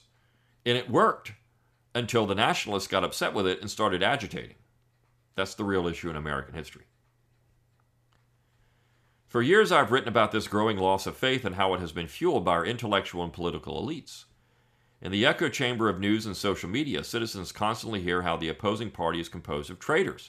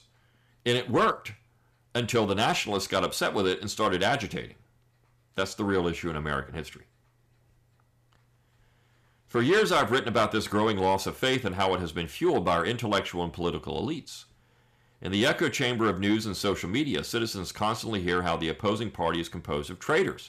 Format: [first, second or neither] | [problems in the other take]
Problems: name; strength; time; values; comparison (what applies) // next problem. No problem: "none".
first | distortion; slight; 10 dB below the speech